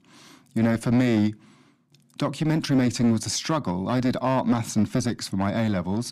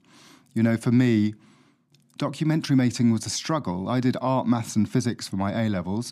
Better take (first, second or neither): second